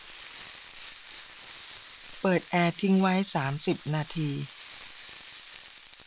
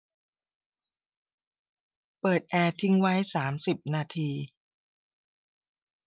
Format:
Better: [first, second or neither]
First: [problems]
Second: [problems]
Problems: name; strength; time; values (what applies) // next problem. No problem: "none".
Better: second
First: background sound (Frying (food)); 17 dB below the speech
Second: none